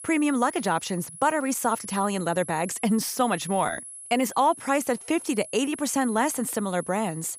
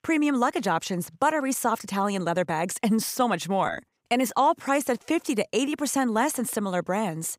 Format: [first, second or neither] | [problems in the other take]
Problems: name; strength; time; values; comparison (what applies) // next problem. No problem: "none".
second | high-pitched whine; noticeable; throughout; 10.5 kHz, 15 dB below the speech